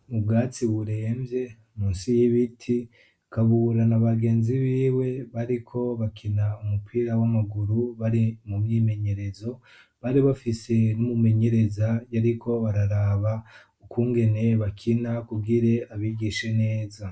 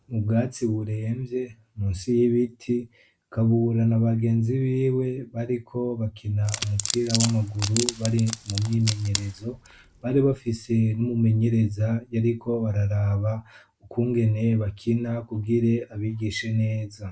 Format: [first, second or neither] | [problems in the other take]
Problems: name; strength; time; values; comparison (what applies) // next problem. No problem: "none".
first | background sound (Wood); 8 dB below the speech